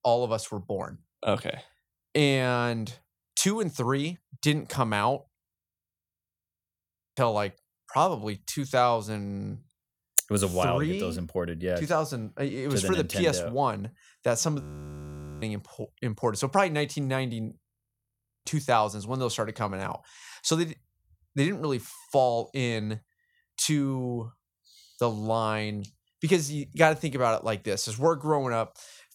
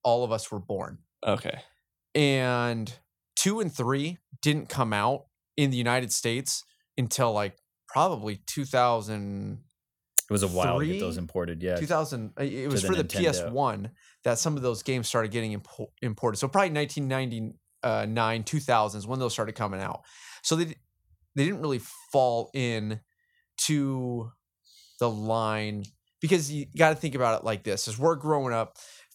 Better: second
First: audio freezing; at 5.5 s for 1.5 s, at 15 s for 1 s and at 18 s for 1 s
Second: none

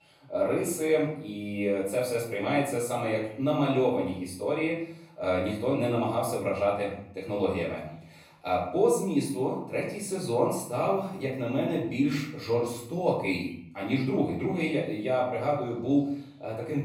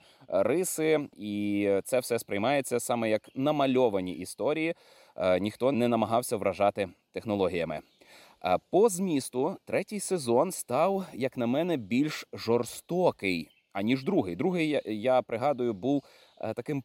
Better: second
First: off-mic speech; far // room echo; noticeable; dies away in 0.7 s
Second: none

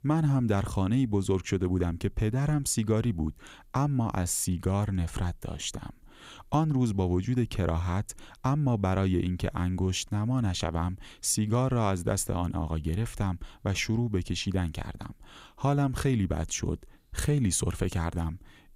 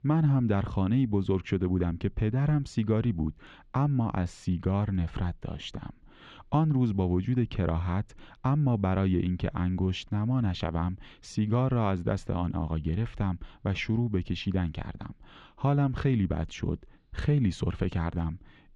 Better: first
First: none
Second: muffled; slightly; fading above 3.5 kHz

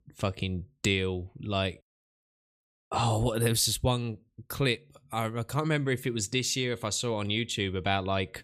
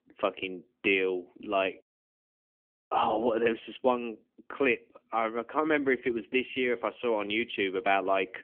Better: first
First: none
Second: phone-call audio; nothing above 3 kHz

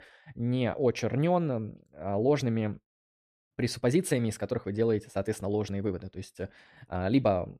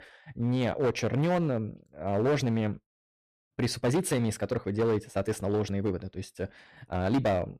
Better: first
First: none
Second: distortion; slight; 8% of the sound clipped

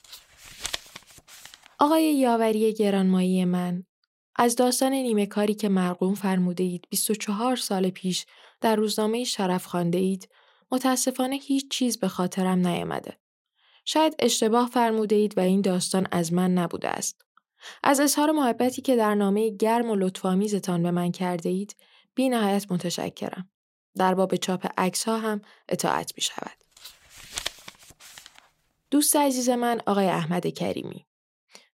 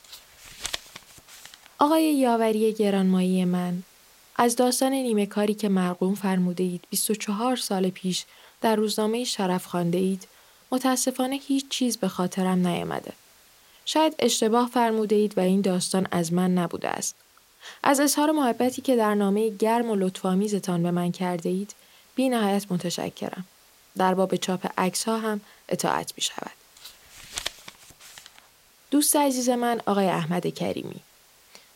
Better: first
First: none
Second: hiss; faint; throughout; 30 dB below the speech

